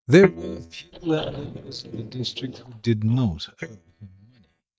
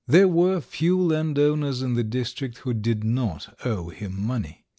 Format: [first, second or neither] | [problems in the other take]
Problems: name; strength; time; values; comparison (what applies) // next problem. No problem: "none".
second | noise reduction (neural mask model DeepFilterNet 3)